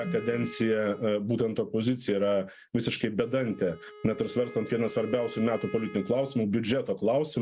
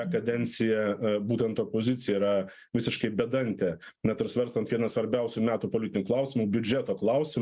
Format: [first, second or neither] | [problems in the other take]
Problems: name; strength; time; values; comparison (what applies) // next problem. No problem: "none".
second | background sound (Wind instrument, woodwind instrument); 19 dB below the speech